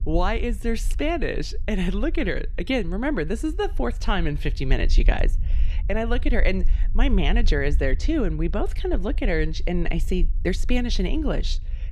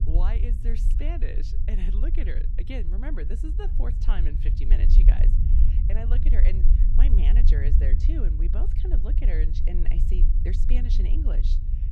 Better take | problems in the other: first | low rumble; loud; throughout; 4 dB below the speech; faint in the first

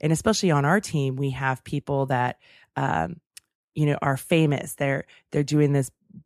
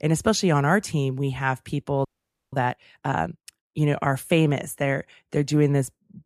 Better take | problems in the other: first | audio freezing; at 2 s

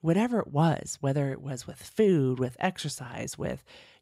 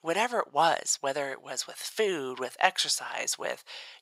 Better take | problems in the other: first | thin; very; fading below 850 Hz

